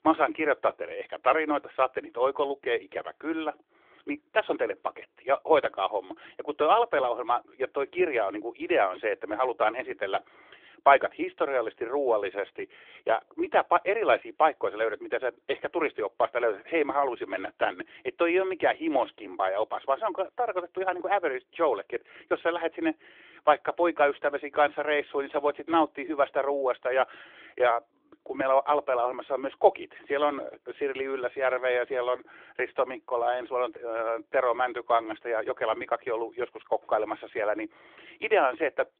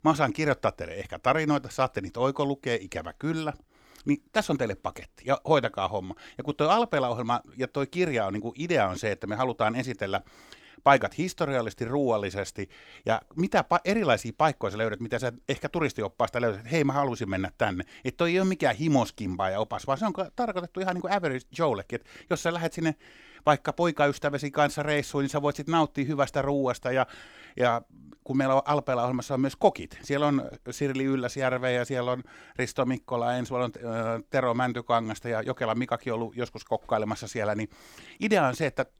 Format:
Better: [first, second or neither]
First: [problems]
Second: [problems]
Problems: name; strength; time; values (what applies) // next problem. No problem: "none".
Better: second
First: phone-call audio; nothing above 3.5 kHz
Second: none